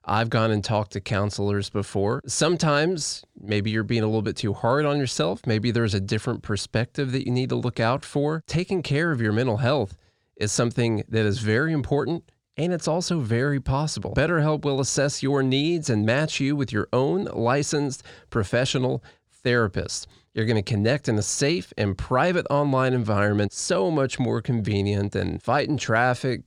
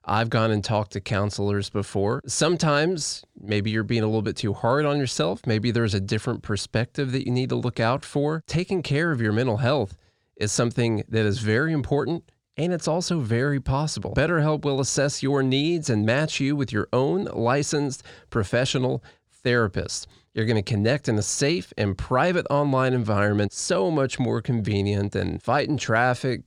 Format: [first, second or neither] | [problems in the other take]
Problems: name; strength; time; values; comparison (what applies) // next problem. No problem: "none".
neither | none